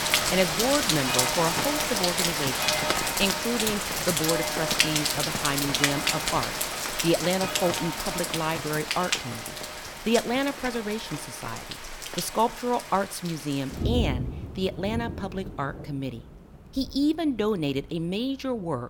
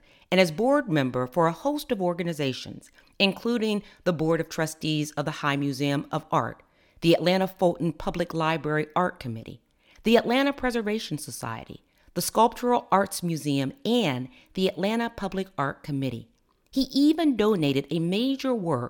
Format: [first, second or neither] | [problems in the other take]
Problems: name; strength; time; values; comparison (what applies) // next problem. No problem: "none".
second | rain or running water; very loud; throughout; 2 dB above the speech